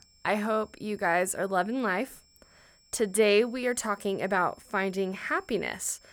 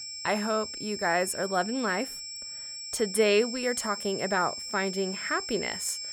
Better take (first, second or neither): first